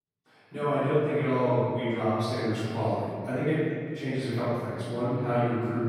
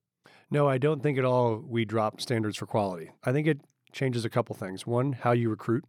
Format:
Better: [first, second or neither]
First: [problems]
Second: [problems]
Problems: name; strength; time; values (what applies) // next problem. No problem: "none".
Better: second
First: off-mic speech; far // room echo; strong; dies away in 1.9 s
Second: none